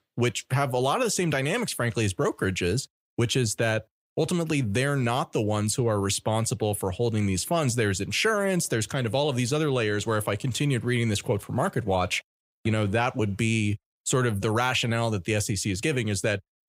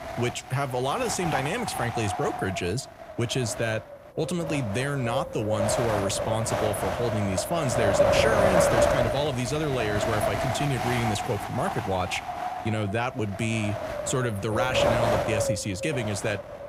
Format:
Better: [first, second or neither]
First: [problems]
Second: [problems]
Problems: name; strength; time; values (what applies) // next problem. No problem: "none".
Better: first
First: none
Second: wind noise on the microphone; heavy; 3 dB above the speech